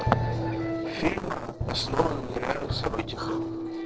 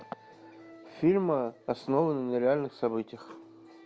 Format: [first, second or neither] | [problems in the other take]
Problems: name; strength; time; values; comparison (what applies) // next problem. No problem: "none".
second | noise reduction (neural separator model SepFormer DNS4)